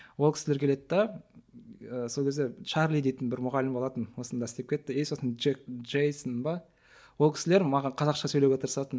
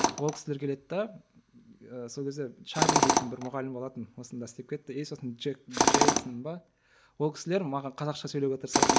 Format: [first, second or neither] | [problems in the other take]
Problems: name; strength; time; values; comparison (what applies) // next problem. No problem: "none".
first | background sound (Tools); 4 dB above the speech